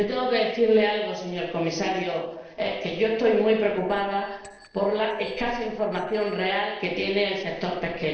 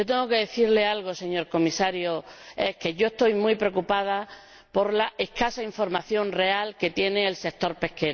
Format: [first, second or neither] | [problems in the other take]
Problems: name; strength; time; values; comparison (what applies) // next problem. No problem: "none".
second | noise reduction (neural separator model SepFormer DNS4)